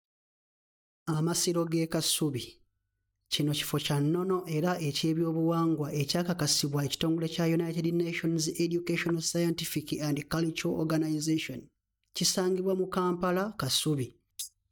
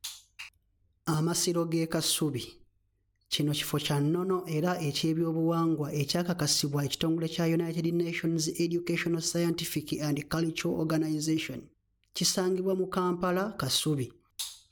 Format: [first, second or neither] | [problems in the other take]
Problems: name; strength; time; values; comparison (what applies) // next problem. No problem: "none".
second | noise reduction (neural mask model DeepFilterNet 3)